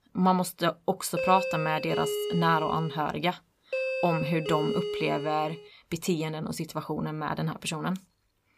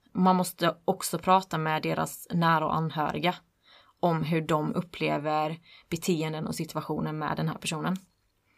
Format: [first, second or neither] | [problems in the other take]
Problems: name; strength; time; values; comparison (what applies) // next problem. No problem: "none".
second | doorbell; noticeable; from 1 to 5.5 s; peak 1 dB below the speech